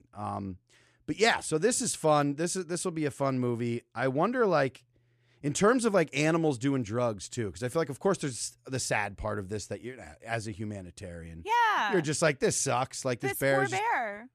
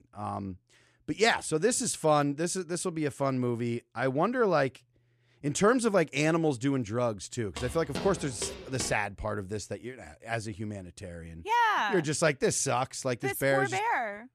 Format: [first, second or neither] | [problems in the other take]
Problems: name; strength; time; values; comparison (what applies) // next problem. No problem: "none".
first | footsteps; noticeable; from 7.5 to 9 s; peak 9 dB below the speech